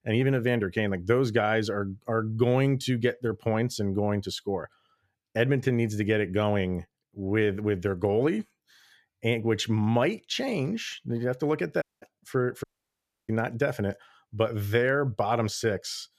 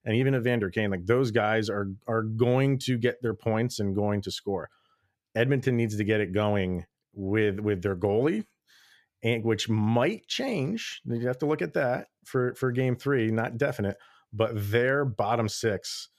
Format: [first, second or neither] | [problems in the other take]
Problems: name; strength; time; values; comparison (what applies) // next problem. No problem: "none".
second | audio cutting out; at 12 s and at 13 s for 0.5 s